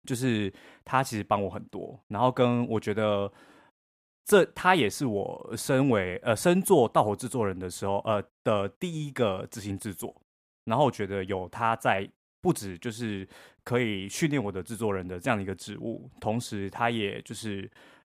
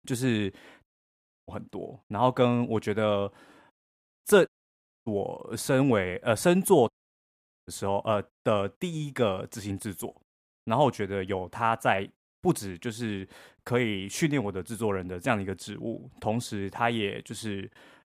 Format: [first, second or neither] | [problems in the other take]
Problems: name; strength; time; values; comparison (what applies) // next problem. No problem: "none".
first | audio cutting out; at 1 s for 0.5 s, at 4.5 s for 0.5 s and at 7 s for 1 s